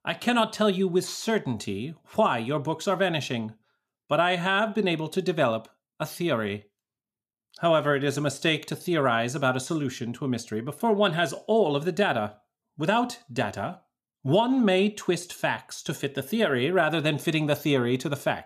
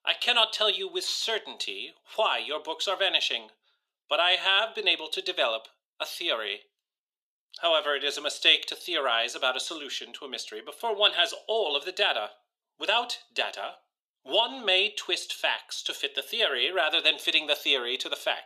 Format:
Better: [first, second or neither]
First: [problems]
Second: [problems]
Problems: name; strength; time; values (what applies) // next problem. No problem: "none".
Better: first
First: none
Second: thin; very; fading below 400 Hz